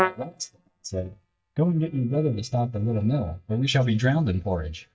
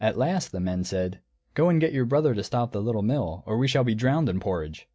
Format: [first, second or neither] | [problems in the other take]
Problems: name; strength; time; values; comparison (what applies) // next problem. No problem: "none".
second | noise reduction (neural mask model DeepFilterNet 3)